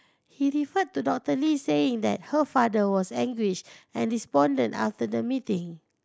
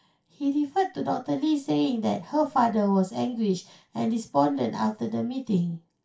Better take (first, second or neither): first